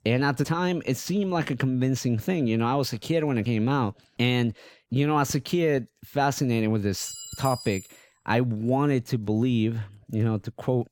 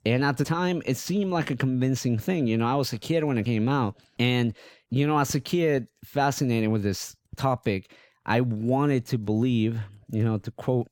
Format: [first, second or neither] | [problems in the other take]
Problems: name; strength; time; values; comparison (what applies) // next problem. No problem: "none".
second | clattering dishes; noticeable; at 7 s; peak 9 dB below the speech